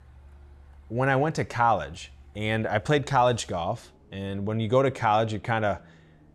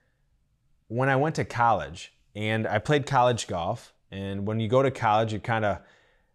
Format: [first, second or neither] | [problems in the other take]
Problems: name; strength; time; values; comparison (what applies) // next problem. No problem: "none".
second | traffic noise; faint; throughout; 30 dB below the speech